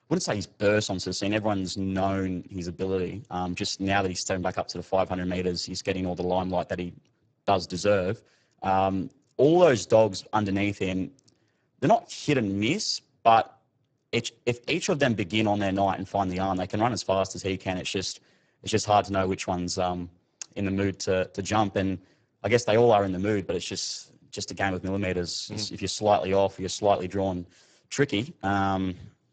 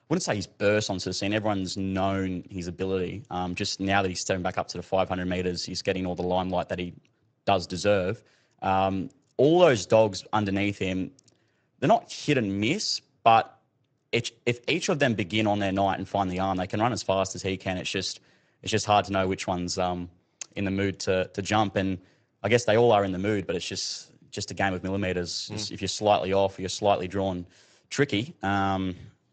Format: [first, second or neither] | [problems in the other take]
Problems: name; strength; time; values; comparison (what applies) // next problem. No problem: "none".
second | garbled, watery; badly; nothing above 7.5 kHz; slightly in the second